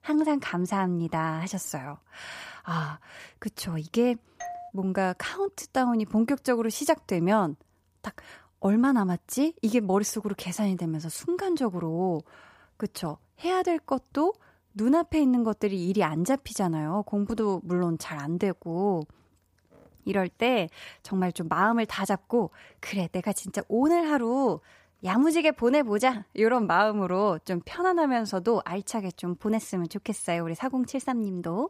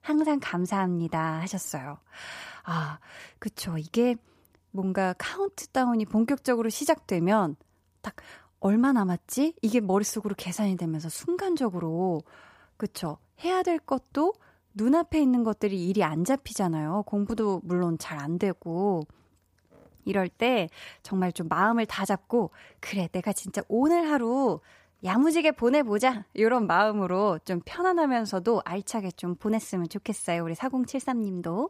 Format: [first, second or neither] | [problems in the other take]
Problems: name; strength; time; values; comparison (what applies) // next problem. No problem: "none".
second | doorbell; faint; at 4.5 s; peak 10 dB below the speech